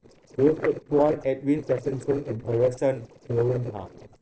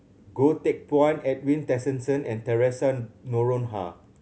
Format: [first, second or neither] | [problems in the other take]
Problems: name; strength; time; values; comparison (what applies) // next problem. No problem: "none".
second | noise reduction (neural separator model SepFormer DNS4)